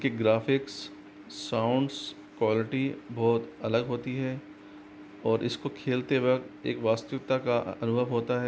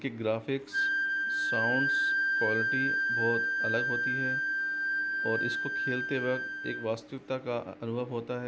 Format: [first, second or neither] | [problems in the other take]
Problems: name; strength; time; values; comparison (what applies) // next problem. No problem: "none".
first | background sound (Wind instrument, woodwind instrument); 4 dB above the speech